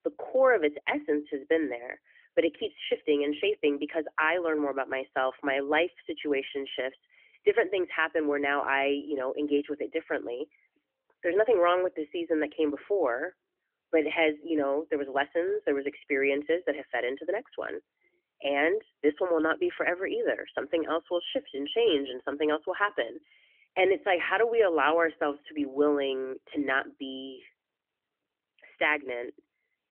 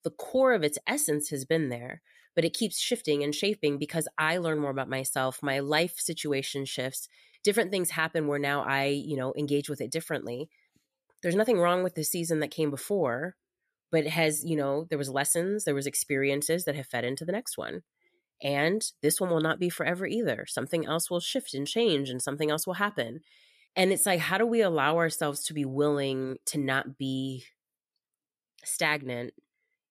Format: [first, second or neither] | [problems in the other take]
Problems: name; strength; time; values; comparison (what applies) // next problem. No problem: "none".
second | phone-call audio; nothing above 3 kHz